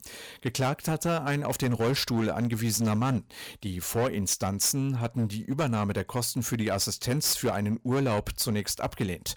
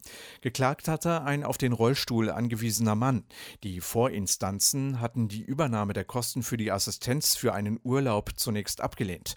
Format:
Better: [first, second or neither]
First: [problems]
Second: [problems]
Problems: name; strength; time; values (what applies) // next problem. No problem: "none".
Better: second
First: distortion; slight; 9% of the sound clipped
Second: none